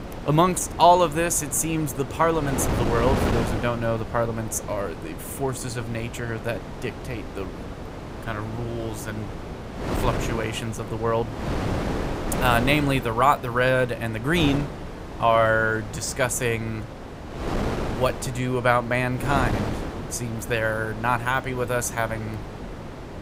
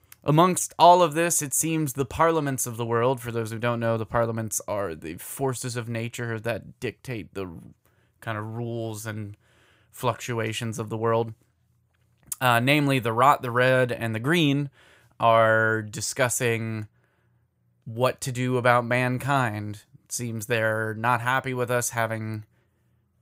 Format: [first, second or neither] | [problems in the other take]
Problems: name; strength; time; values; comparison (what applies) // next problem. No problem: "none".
second | wind noise on the microphone; occasional gusts; 10 dB below the speech